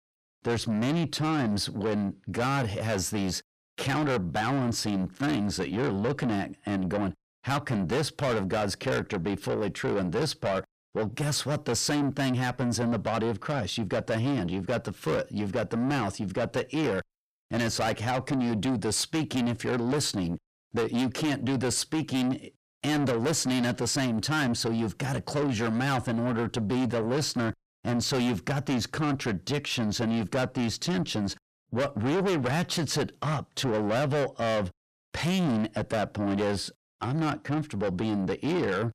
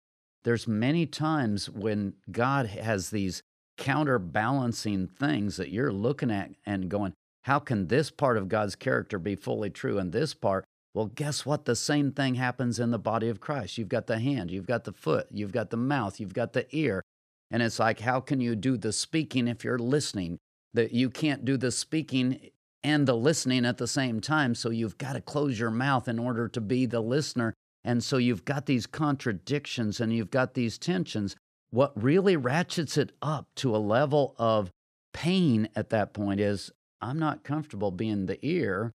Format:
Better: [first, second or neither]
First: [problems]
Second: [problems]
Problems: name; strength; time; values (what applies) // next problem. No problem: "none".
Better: second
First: distortion; heavy; 6 dB below the speech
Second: none